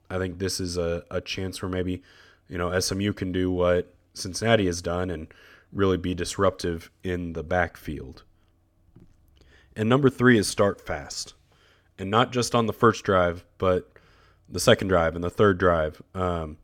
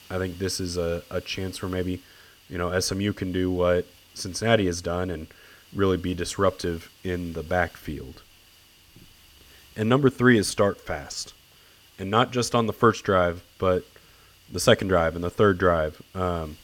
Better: first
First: none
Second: hiss; faint; throughout; 25 dB below the speech

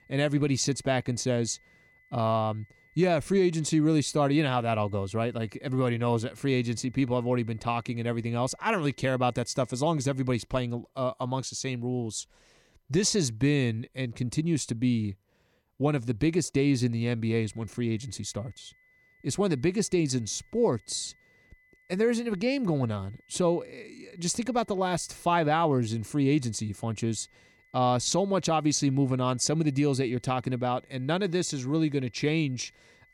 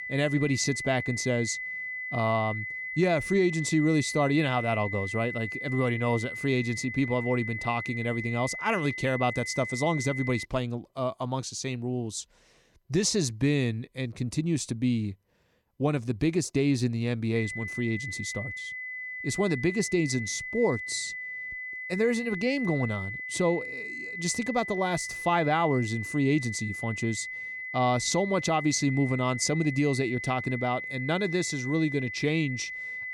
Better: first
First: high-pitched whine; faint; until 10 s and from 17 s on; 2 kHz, 35 dB below the speech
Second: high-pitched whine; loud; until 10 s and from 17 s on; 2 kHz, 6 dB below the speech

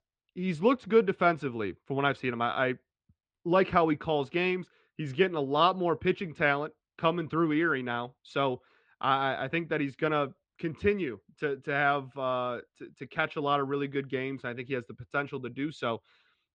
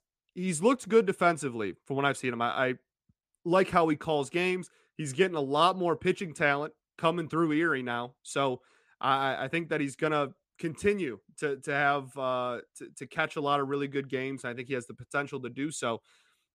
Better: second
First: muffled; slightly; fading above 4.5 kHz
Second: none

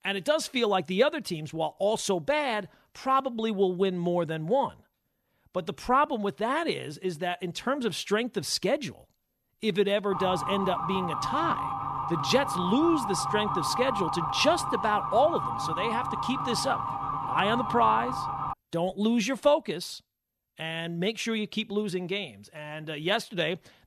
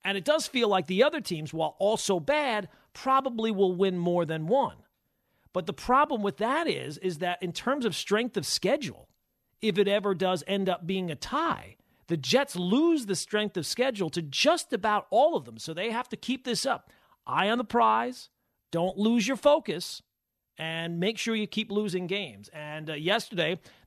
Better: second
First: siren; noticeable; from 10 to 19 s; peak 1 dB below the speech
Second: none

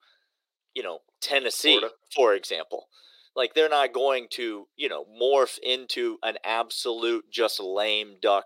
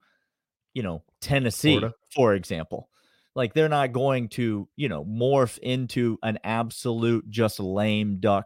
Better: second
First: thin; very; fading below 350 Hz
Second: none

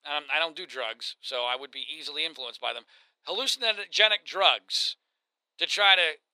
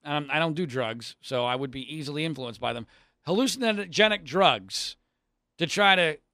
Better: second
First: thin; very; fading below 500 Hz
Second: none

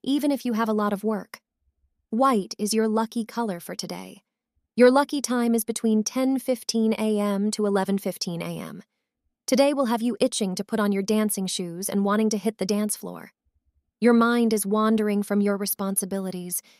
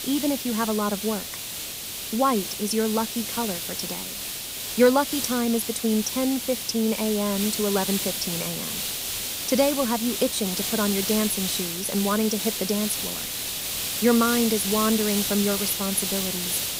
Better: first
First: none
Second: hiss; loud; throughout; 2 dB below the speech

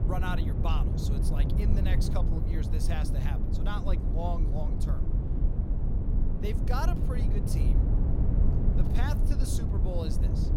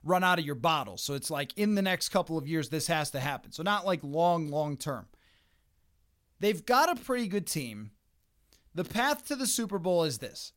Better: second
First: low rumble; loud; throughout; 2 dB below the speech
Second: none

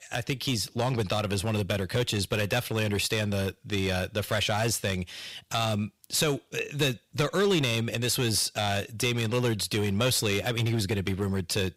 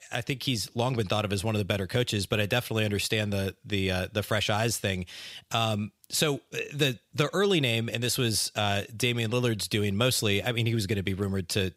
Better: second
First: distortion; slight; 5% of the sound clipped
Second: none

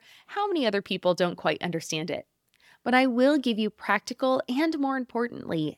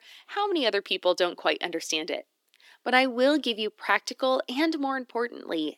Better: first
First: none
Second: thin; very slightly; fading below 300 Hz

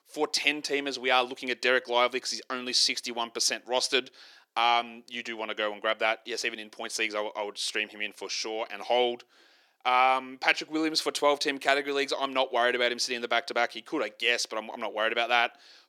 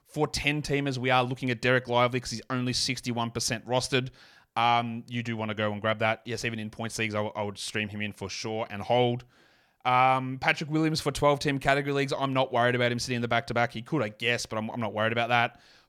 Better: second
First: thin; somewhat; fading below 350 Hz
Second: none

